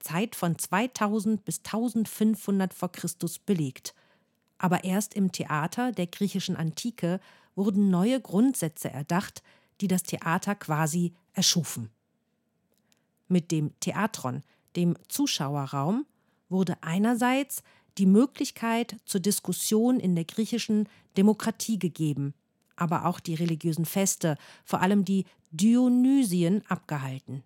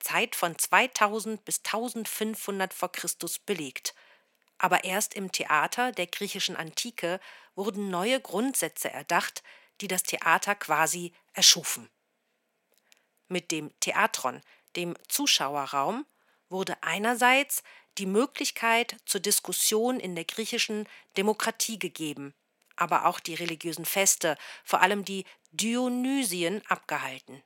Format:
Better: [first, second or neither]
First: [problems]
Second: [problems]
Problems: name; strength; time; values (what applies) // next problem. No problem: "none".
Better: first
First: none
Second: thin; somewhat; fading below 500 Hz